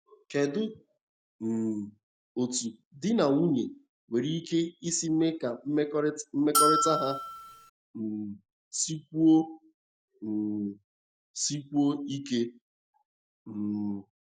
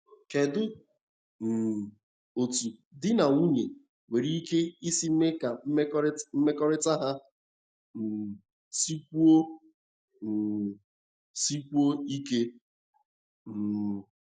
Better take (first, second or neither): second